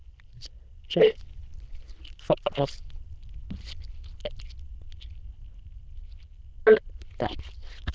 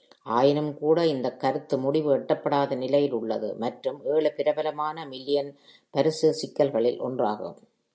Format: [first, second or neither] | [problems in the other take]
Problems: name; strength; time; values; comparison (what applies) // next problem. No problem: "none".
second | noise reduction (neural diffusion model UNIVERSE++)